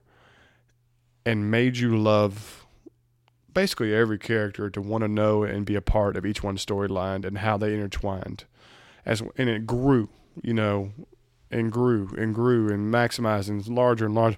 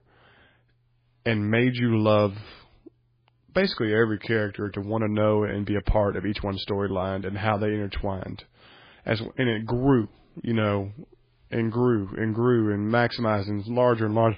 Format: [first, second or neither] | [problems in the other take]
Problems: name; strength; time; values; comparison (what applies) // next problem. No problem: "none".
first | garbled, watery; badly; nothing above 4 kHz